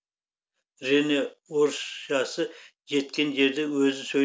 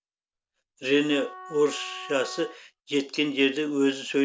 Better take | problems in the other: first | background sound (Wind instrument, woodwind instrument); 17 dB below the speech

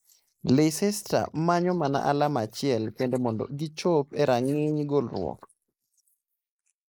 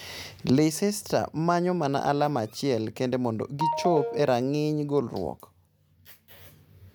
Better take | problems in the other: second | noise reduction (neural mask model Resemble Enhance denoiser)

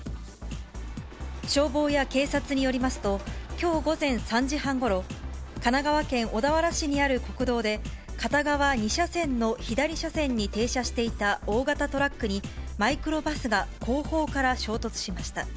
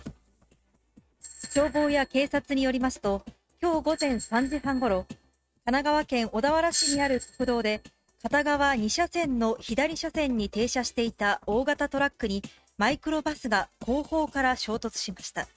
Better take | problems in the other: first | noise reduction (neural mask model RNNoise)

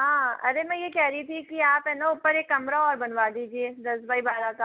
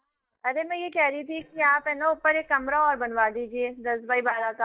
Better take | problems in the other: first | noise reduction (neural mask model DeepFilterNet 3)

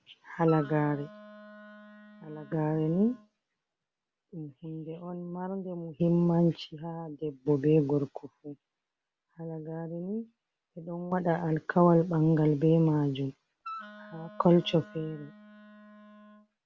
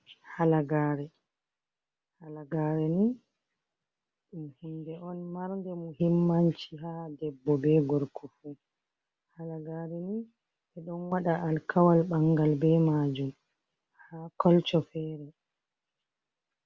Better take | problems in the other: second | background sound (Wind instrument, woodwind instrument); 18 dB below the speech

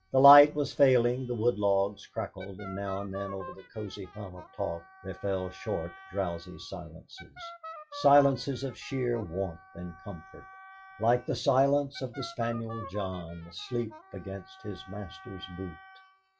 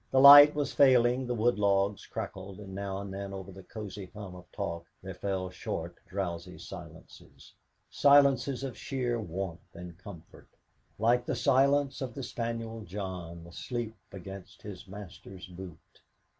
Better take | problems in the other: second | noise reduction (classical method log-MMSE)

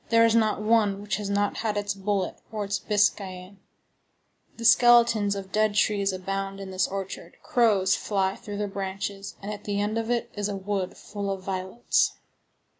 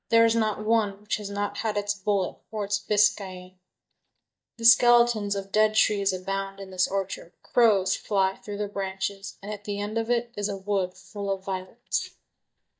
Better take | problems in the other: first | noise reduction (neural mask model DeepFilterNet 3)

